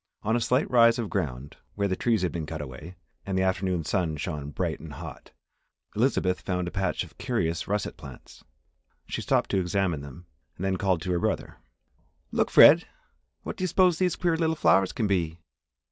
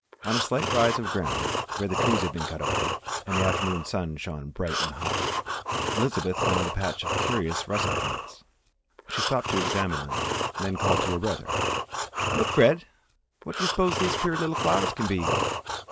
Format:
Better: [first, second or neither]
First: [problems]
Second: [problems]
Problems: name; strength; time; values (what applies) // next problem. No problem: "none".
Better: first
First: none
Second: background sound (Breathing); as loud as the speech